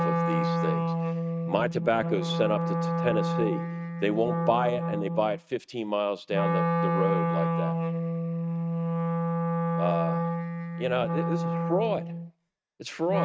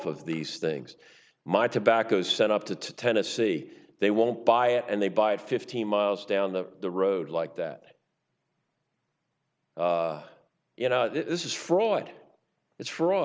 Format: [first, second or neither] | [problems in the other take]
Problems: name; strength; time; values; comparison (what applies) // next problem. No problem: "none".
second | noise reduction (neural mask model RNNoise)